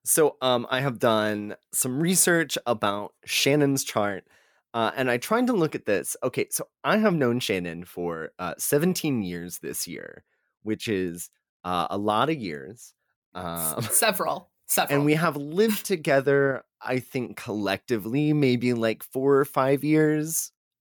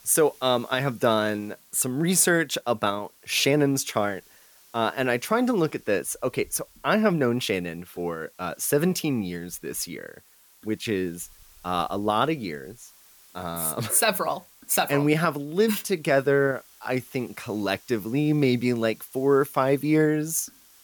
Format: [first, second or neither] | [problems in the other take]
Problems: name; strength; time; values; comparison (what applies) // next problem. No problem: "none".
first | hiss; faint; throughout; 25 dB below the speech